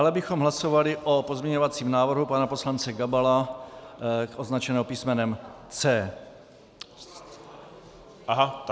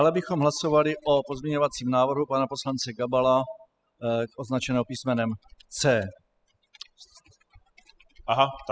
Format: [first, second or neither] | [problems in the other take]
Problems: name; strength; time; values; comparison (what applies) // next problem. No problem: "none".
first | noise reduction (classical method spectral subtraction)